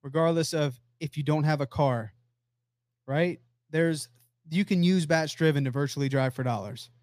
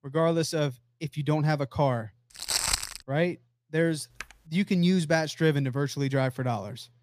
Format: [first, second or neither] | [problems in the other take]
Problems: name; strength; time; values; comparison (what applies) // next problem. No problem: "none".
first | footsteps; loud; at 2.5 s; peak 2 dB above the speech // keyboard typing; faint; at 4 s; peak 15 dB below the speech